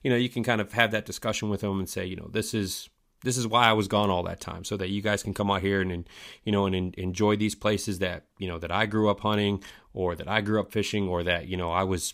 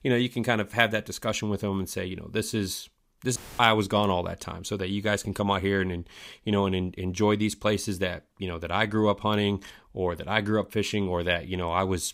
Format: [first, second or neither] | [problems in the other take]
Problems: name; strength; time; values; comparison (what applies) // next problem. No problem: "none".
first | audio cutting out; filled with static; at 3.5 s